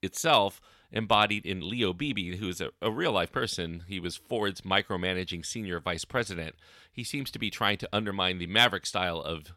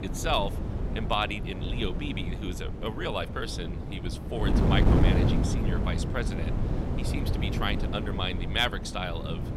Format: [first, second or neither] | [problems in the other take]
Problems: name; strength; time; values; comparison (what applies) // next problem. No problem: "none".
first | wind noise on the microphone; heavy; 5 dB below the speech